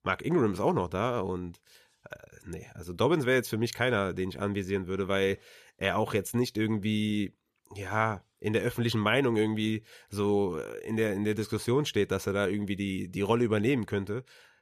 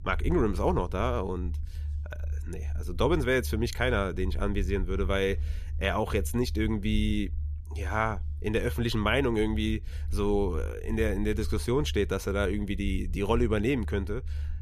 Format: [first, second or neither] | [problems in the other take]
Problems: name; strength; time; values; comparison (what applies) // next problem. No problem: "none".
first | low rumble; faint; throughout; 25 dB below the speech